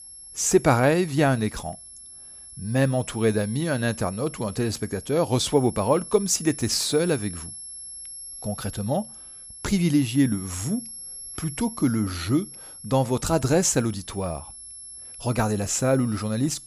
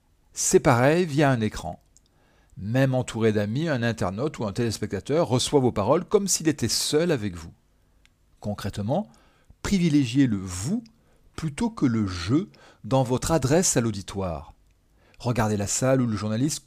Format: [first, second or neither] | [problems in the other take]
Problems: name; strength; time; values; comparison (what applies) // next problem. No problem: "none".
second | high-pitched whine; noticeable; throughout; 11 kHz, 15 dB below the speech